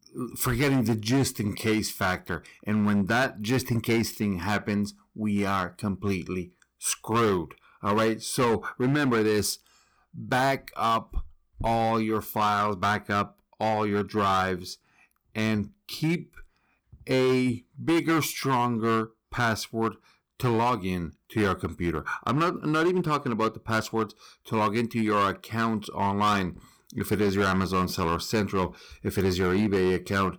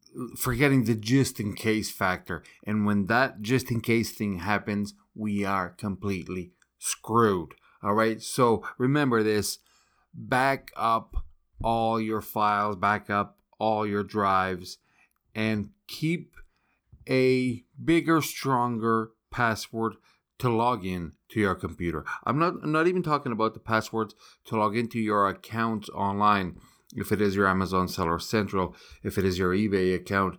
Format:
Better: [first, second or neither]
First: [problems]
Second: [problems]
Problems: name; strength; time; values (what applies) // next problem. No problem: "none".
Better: second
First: distortion; slight; 8% of the sound clipped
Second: none